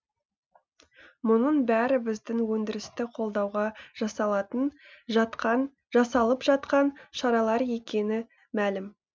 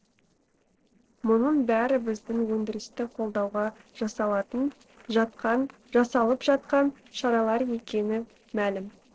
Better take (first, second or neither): first